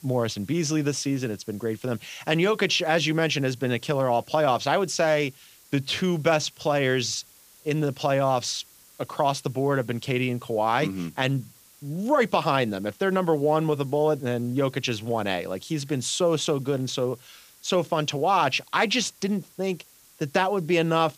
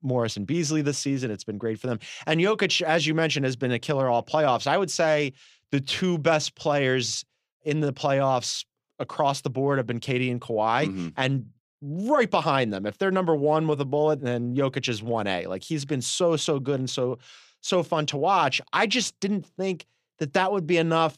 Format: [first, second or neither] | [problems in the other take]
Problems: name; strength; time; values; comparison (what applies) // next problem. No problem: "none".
second | hiss; faint; throughout; 25 dB below the speech